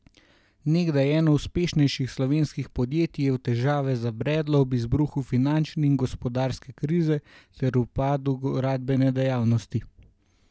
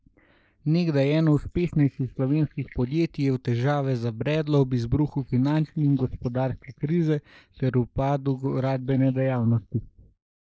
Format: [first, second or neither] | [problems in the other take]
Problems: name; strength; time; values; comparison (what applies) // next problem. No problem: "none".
first | noise reduction (neural mask model Resemble Enhance denoiser)